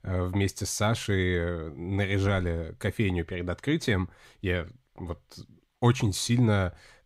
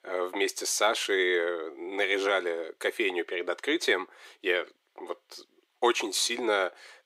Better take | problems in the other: first | thin; very; fading below 350 Hz

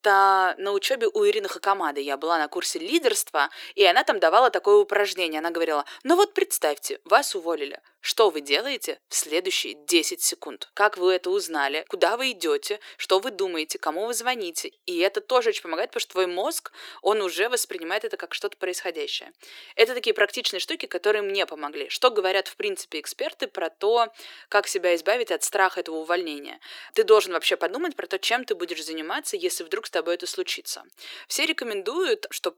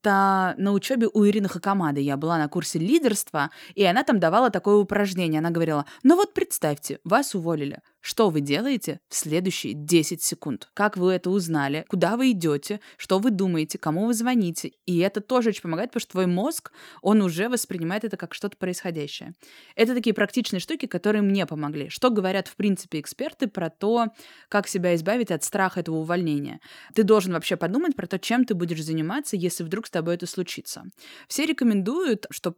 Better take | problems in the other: second | thin; very; fading below 350 Hz

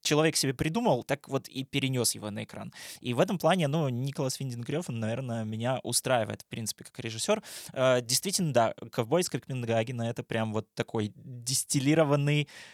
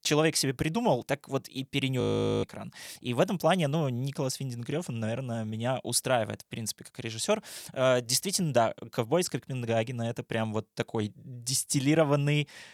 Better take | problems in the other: first | audio freezing; at 2 s

